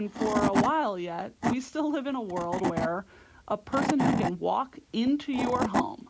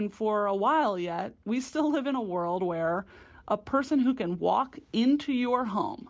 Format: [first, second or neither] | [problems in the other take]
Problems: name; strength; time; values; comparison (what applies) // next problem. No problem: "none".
second | background sound (Wood / Tools); 2 dB below the speech